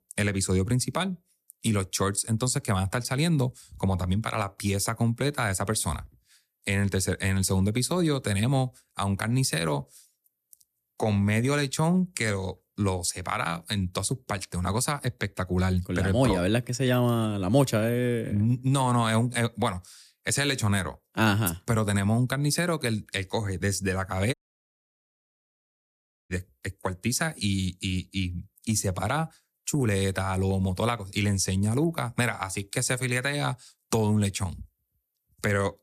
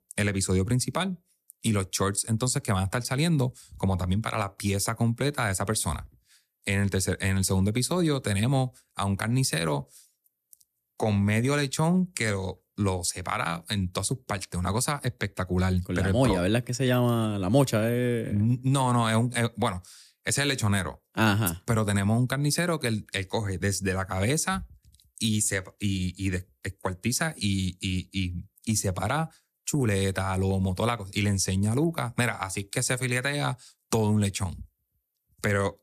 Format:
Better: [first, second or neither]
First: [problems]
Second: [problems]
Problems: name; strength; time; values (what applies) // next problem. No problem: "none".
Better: second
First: audio cutting out; at 24 s for 2 s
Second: none